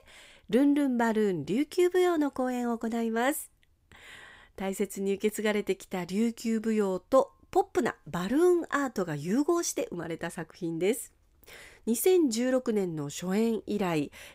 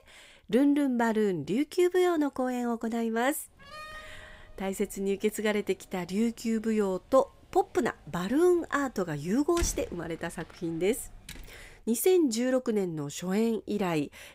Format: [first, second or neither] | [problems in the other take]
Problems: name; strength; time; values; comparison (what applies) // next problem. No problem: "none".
first | door banging; noticeable; from 3.5 to 11 s; peak 8 dB below the speech